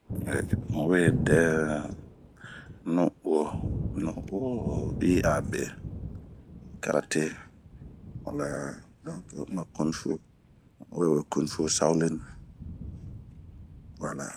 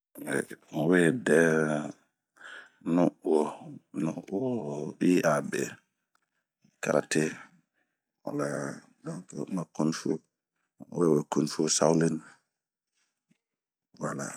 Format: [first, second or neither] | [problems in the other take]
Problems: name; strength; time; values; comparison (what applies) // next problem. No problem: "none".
second | background sound (Thunder); 7 dB below the speech